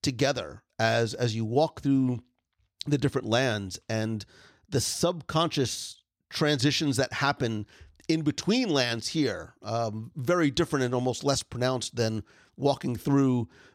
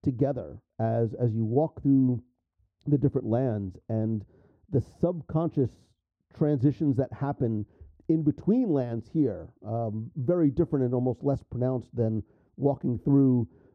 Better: first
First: none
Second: muffled; very; fading above 1 kHz

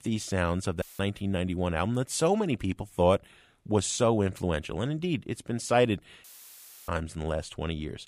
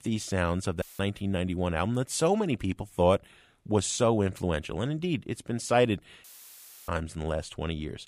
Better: neither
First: audio cutting out; filled with static; at 1 s and at 6 s for 0.5 s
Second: audio cutting out; filled with static; at 1 s and at 6 s for 0.5 s

